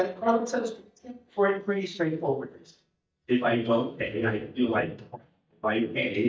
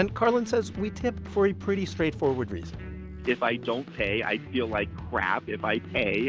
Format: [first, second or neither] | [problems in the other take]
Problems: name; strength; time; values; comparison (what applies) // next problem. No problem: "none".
second | noise reduction (neural mask model DeepFilterNet 3)